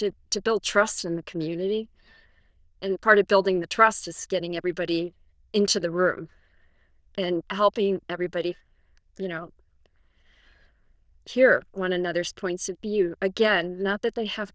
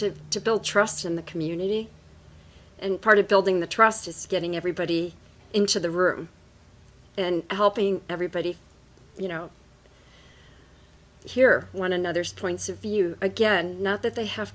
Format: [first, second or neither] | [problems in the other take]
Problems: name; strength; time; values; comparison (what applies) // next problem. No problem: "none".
second | noise reduction (neural diffusion model UNIVERSE++)